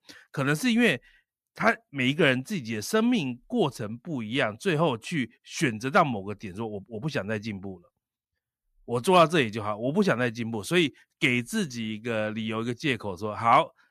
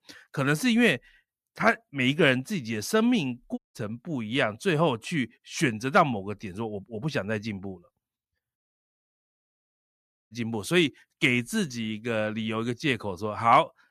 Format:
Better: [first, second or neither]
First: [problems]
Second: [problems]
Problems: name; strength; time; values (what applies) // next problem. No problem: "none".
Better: first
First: none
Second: audio cutting out; at 3.5 s and at 8.5 s for 1.5 s